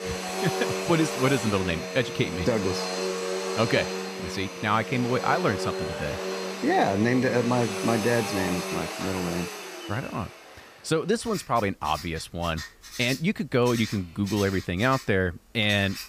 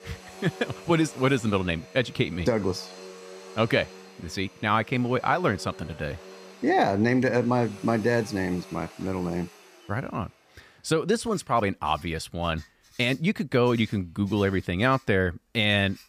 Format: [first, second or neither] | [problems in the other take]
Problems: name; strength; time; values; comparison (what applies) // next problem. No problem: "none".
second | household noises; loud; throughout; 6 dB below the speech; faint in the second